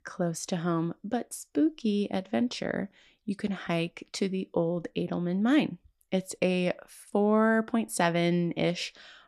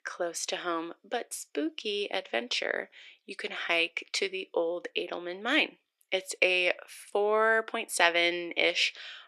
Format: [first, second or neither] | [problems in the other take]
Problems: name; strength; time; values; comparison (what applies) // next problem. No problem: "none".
first | thin; very; fading below 400 Hz